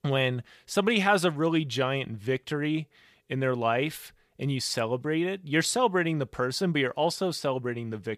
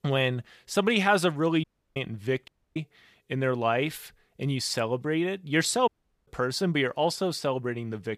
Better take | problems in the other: first | audio cutting out; at 1.5 s, at 2.5 s and at 6 s

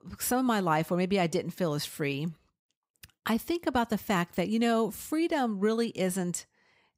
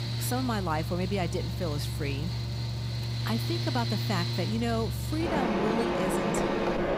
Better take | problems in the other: first | machinery noise; very loud; throughout; 2 dB above the speech

